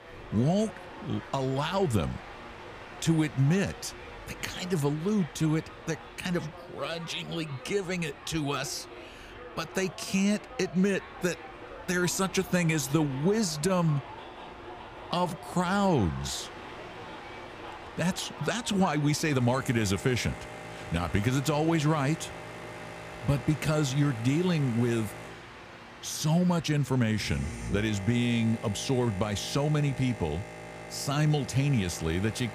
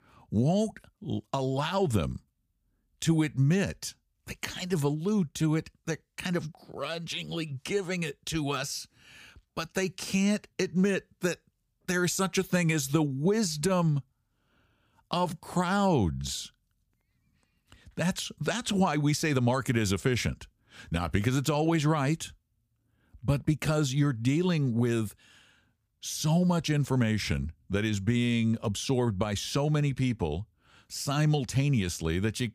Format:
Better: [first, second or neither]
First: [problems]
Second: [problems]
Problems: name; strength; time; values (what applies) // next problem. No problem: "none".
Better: second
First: train or aircraft noise; noticeable; throughout; 15 dB below the speech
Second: none